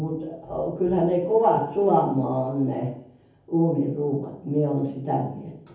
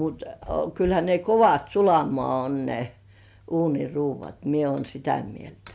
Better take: second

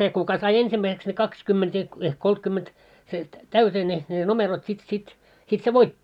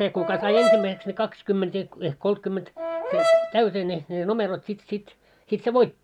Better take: first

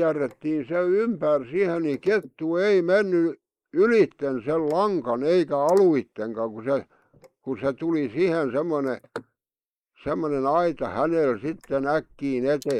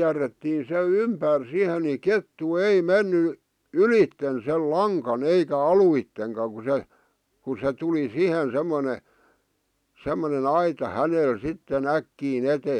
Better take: second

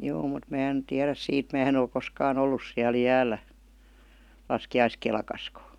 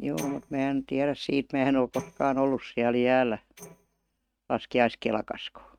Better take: first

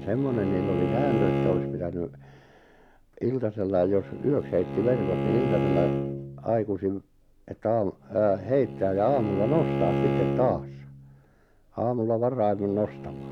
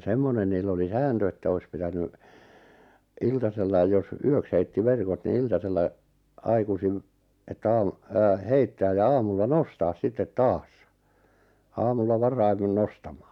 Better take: second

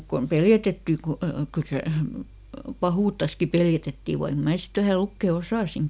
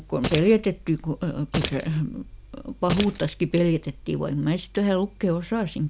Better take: first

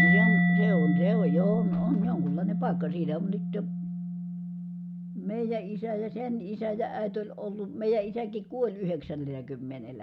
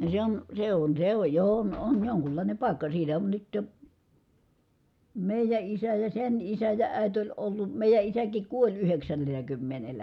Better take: second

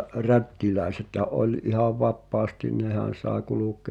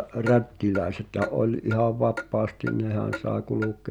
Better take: first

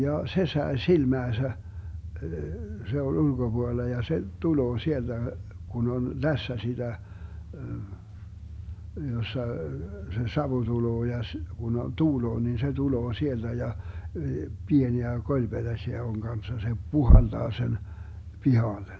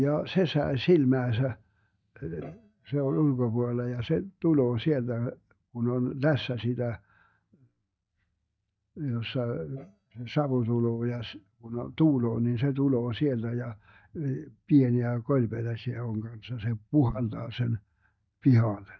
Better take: first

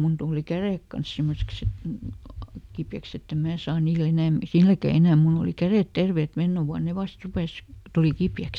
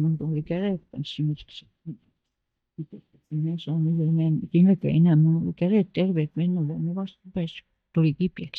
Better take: first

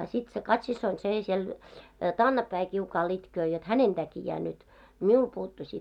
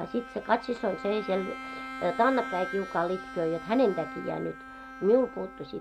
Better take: first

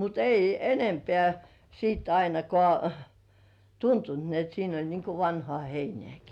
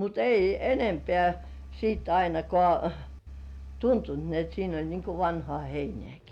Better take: first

